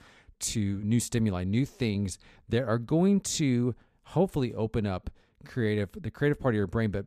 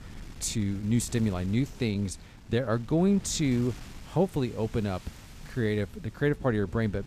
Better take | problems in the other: first | wind noise on the microphone; occasional gusts; 20 dB below the speech

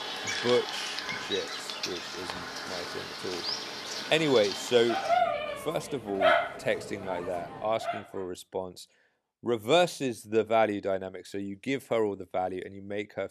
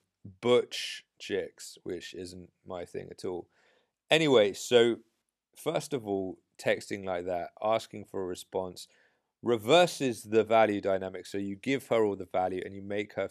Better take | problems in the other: second | animal sounds; loud; until 7.5 s; 2 dB below the speech

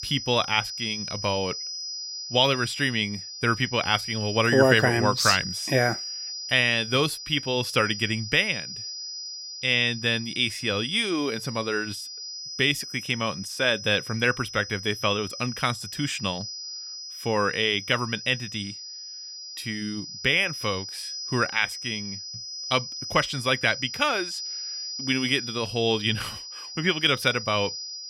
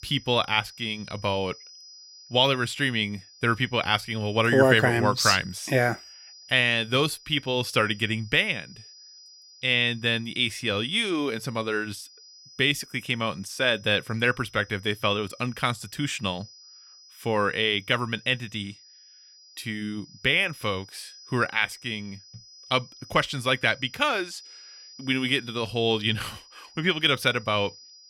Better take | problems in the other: second | high-pitched whine; loud; throughout; 5 kHz, 9 dB below the speech; faint in the second

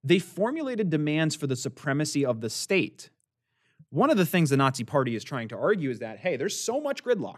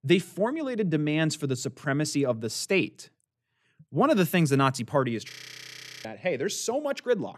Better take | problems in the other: first | audio freezing; at 5.5 s for 0.5 s

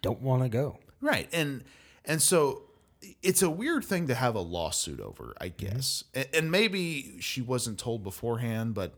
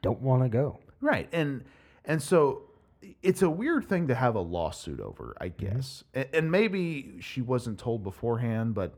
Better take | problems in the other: first | muffled; very; fading above 3 kHz

